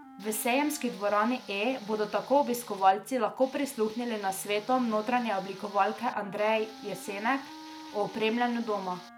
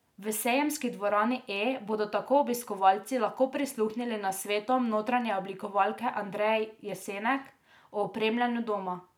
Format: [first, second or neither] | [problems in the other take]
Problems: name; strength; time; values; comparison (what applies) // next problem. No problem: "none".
second | background sound (Wind instrument, woodwind instrument + Tools); 18 dB below the speech